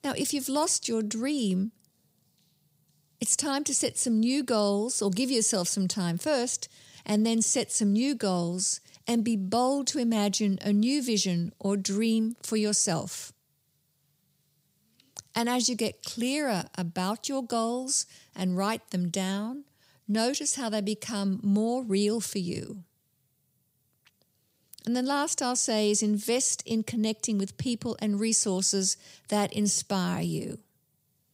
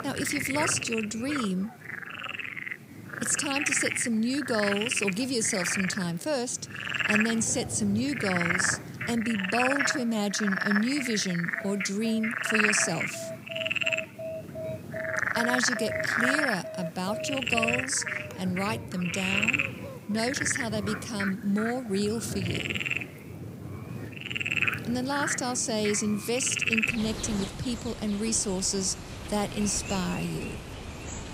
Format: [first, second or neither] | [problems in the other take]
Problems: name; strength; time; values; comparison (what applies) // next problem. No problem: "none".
first | animal sounds; loud; throughout; 1 dB below the speech